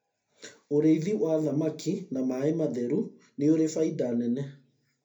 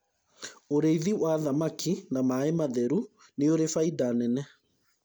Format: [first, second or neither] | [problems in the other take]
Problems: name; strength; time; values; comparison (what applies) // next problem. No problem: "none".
second | room echo; dies away in 0.3 s